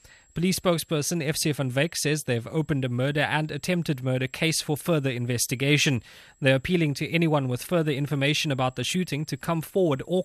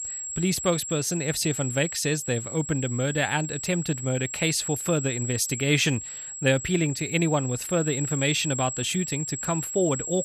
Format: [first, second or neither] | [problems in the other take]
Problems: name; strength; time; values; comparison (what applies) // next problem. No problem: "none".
first | high-pitched whine; loud; throughout; 7.5 kHz, 6 dB below the speech; faint in the first